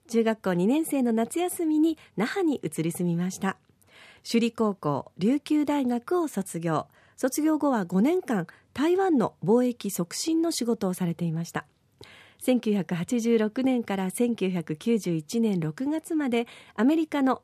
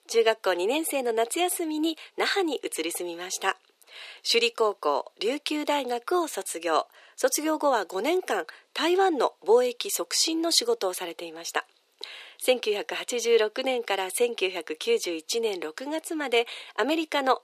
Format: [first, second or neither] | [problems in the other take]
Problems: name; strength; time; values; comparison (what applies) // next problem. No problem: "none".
first | thin; very; fading below 400 Hz